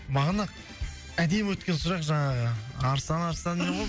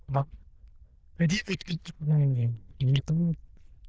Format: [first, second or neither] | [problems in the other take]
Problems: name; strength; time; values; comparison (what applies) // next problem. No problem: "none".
first | noise reduction (neural diffusion model UNIVERSE++)